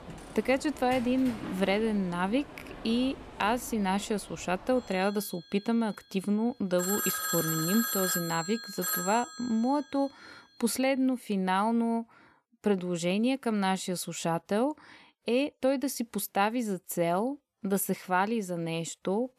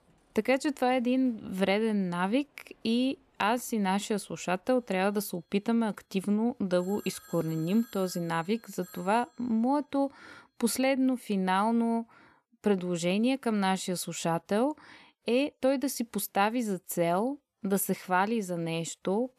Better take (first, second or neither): second